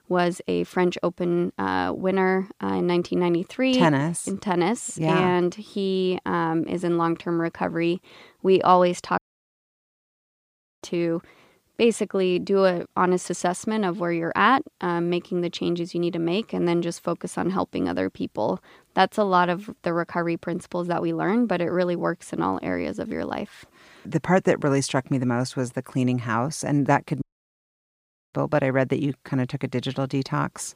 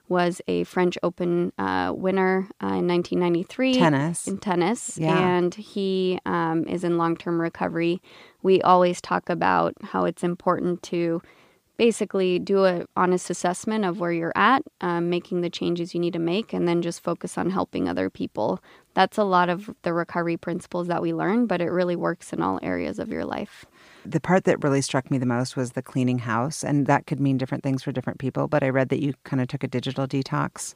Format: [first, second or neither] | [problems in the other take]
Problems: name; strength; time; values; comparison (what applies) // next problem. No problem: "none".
second | audio cutting out; at 9 s for 1.5 s and at 27 s for 1 s